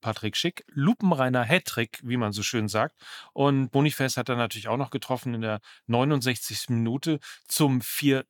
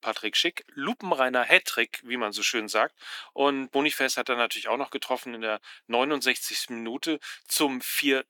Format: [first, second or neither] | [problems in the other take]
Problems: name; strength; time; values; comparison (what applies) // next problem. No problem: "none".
first | thin; somewhat; fading below 300 Hz